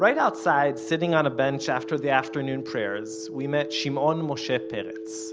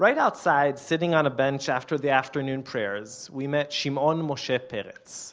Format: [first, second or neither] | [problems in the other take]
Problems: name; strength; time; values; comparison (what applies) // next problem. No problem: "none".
second | background sound (Telephone); 10 dB below the speech